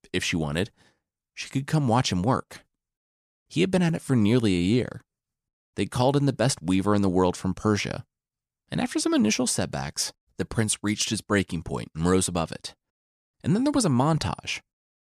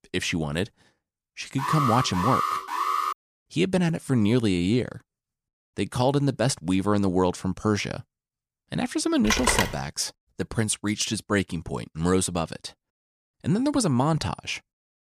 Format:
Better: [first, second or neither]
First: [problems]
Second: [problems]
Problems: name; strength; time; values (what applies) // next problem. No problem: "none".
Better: first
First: none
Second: alarm; loud; from 1.5 to 3 s; peak level with the speech // phone ringing; loud; at 9.5 s; peak 2 dB above the speech